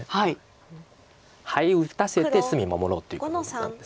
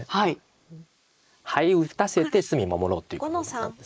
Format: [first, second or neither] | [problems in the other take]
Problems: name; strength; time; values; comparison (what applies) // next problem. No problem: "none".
first | noise reduction (neural mask model Resemble Enhance denoiser)